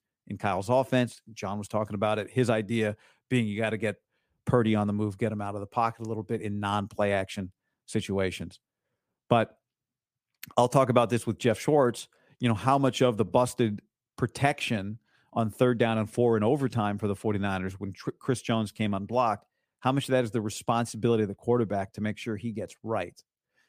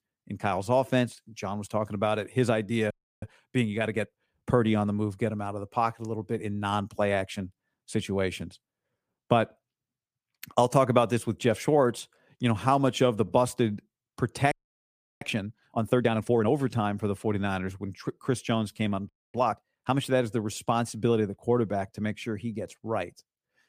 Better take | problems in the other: first | audio freezing; at 3 s, at 15 s for 0.5 s and at 19 s

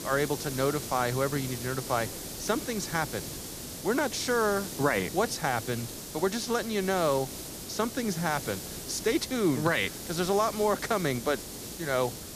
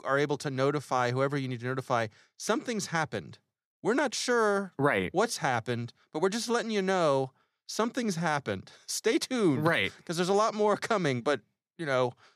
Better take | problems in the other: second | hiss; loud; throughout; 8 dB below the speech

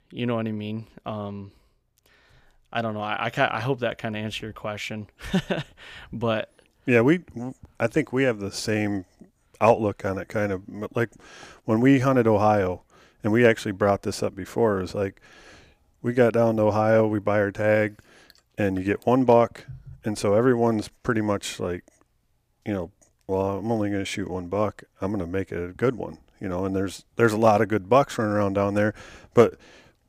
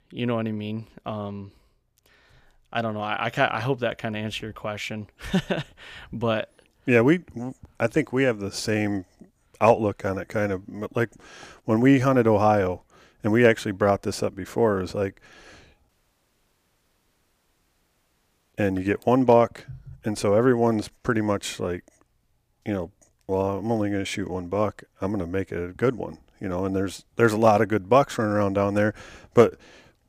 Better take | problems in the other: first | audio cutting out; at 16 s for 2.5 s

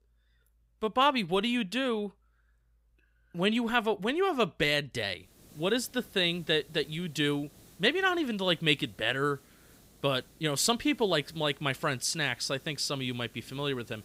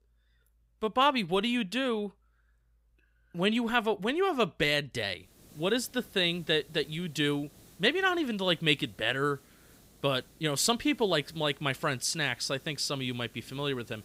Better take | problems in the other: neither | hiss; faint; from 5.5 s on; 25 dB below the speech; the same in both

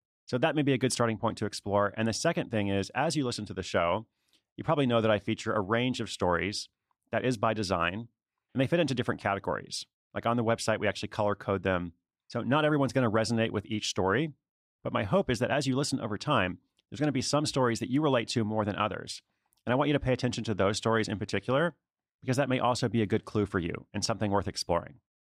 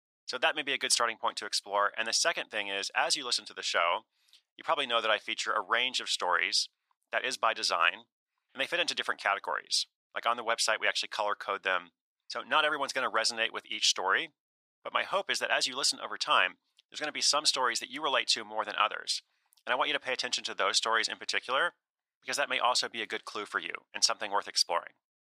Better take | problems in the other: first | thin; very; fading below 1 kHz

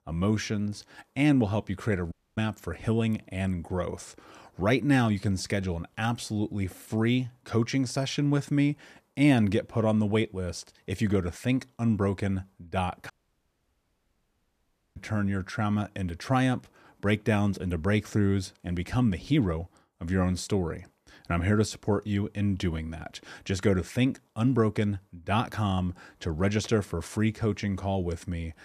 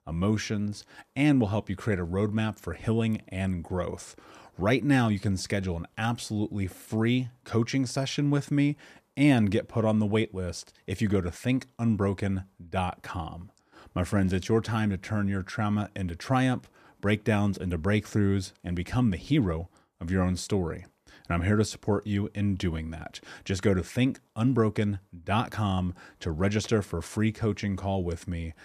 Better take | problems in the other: second | audio cutting out; at 2 s and at 13 s for 2 s

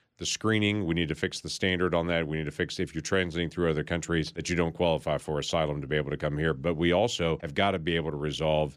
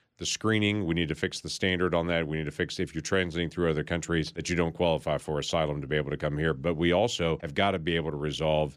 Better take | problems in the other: neither | none

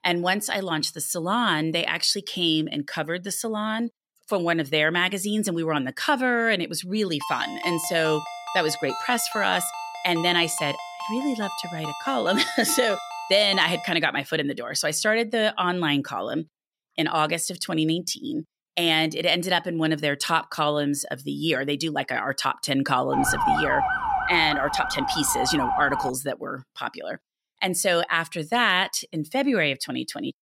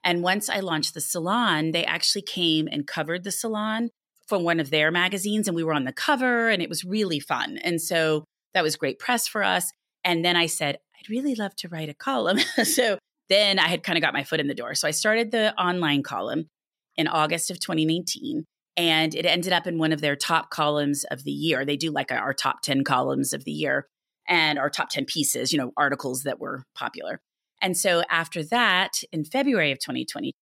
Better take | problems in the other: second | phone ringing; noticeable; from 7 to 14 s; peak 8 dB below the speech // siren; loud; from 23 to 26 s; peak 2 dB above the speech

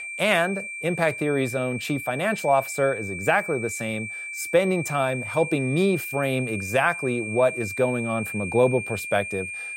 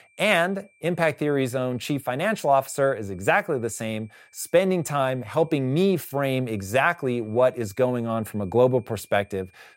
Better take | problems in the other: second | high-pitched whine; loud; throughout; 2.5 kHz, 7 dB below the speech; faint in the second

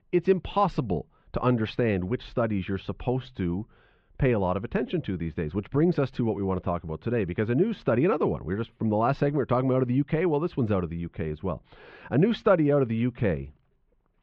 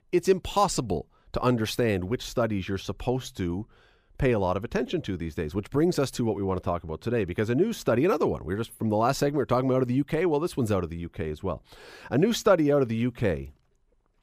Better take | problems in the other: second | muffled; very; fading above 3 kHz

